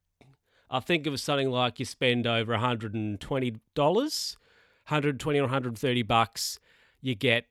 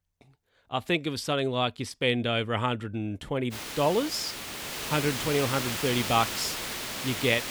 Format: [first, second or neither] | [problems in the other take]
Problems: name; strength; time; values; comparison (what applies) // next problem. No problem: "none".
first | hiss; loud; from 3.5 s on; 4 dB below the speech